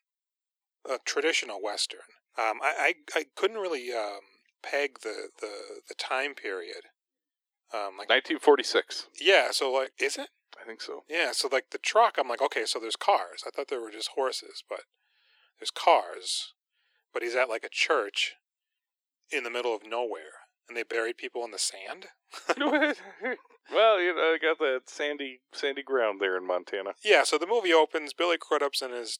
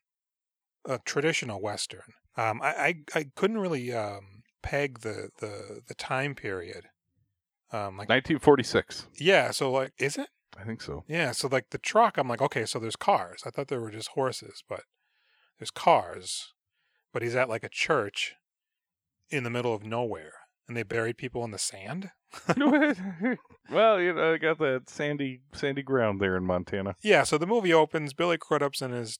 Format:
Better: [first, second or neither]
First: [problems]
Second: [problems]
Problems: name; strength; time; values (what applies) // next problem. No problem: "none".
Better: second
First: thin; somewhat; fading below 300 Hz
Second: none